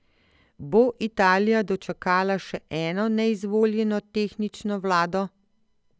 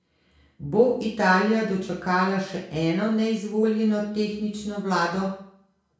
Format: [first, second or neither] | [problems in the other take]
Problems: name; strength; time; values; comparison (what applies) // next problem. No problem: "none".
first | room echo; dies away in 0.5 s